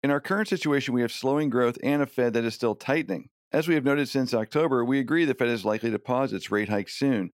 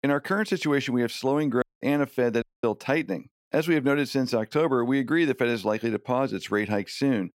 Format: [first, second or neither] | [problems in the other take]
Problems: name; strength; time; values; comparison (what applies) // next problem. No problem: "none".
first | audio cutting out; at 1.5 s and at 2.5 s